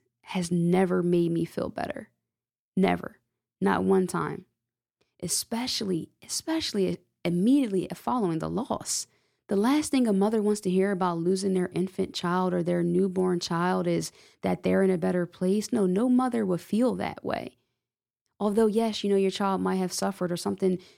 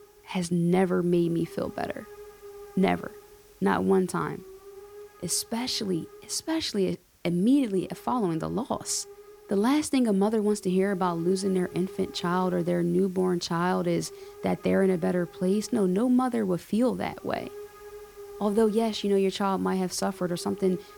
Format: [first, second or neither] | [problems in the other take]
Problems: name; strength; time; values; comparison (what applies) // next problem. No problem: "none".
first | hiss; noticeable; throughout; 20 dB below the speech